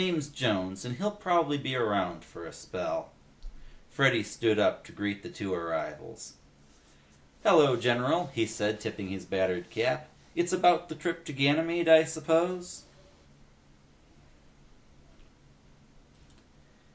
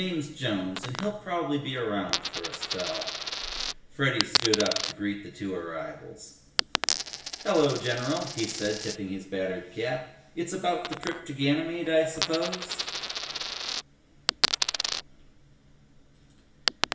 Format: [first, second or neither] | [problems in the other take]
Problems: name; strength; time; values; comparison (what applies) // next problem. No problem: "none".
first | background sound (Coin (dropping)); 3 dB below the speech // room echo; dies away in 0.8 s